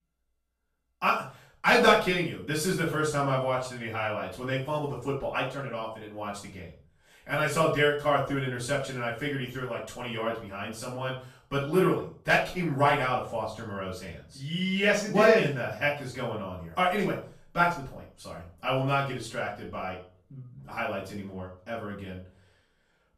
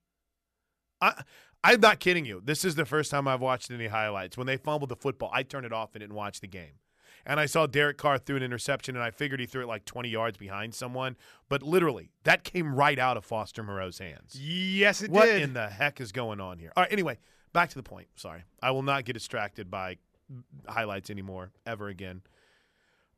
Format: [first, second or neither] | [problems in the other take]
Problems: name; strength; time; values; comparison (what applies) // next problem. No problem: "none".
second | off-mic speech; far // room echo; noticeable; dies away in 0.4 s